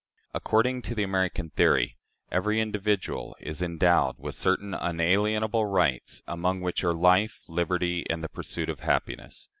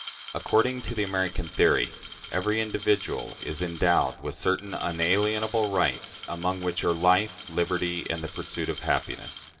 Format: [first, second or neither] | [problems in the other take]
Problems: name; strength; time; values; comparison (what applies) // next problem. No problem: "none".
first | background sound (Glass); 15 dB below the speech // room echo; dies away in 2.1 s